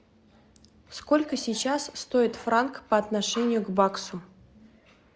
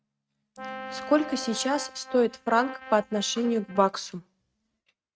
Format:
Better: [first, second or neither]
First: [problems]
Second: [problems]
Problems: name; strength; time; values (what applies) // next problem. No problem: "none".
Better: first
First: none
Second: noise reduction (neural mask model RNNoise)